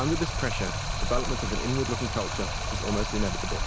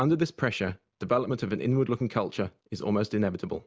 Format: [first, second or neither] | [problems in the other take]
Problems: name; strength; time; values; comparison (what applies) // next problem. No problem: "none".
second | background sound (Stream); 2 dB above the speech